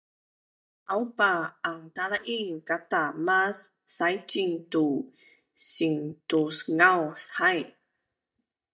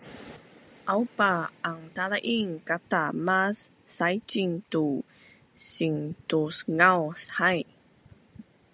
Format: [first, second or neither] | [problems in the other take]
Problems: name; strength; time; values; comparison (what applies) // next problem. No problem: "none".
second | noise reduction (neural mask model DeepFilterNet 3)